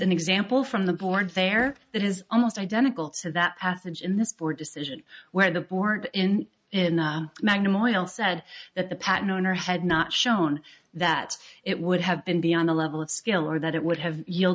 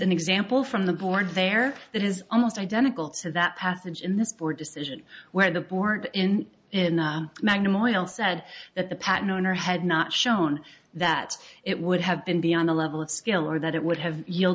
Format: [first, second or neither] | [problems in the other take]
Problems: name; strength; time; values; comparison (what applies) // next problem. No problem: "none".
second | noise reduction (neural mask model RNNoise)